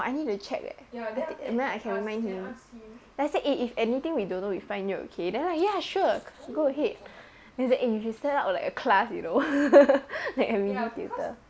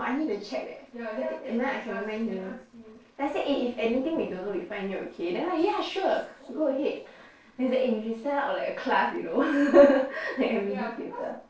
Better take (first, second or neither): first